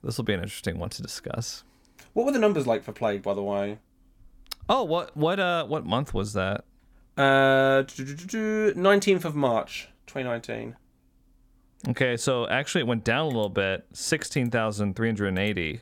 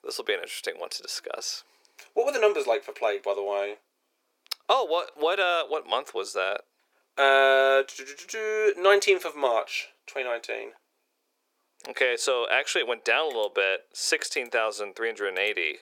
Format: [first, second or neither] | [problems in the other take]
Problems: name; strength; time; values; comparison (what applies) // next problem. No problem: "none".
first | thin; very; fading below 400 Hz